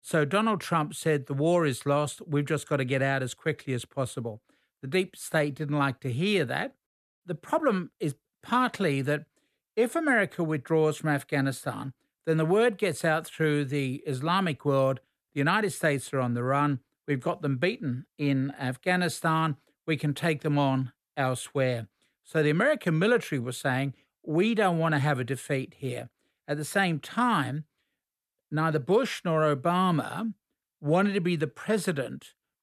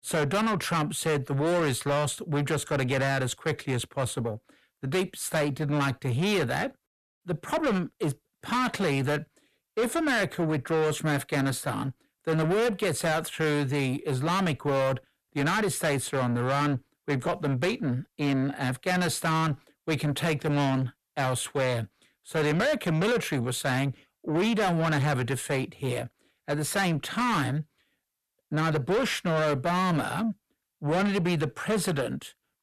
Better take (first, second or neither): first